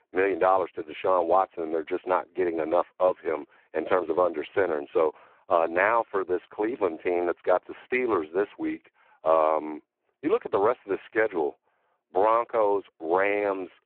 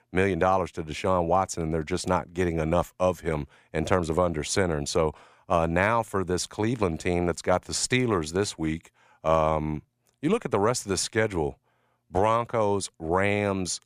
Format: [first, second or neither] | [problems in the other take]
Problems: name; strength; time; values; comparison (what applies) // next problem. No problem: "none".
second | phone-call audio; poor line